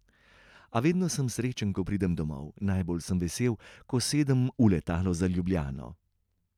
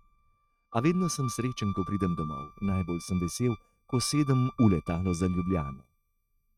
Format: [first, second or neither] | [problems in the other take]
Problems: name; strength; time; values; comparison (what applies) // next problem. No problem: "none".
first | noise reduction (neural mask model RNNoise)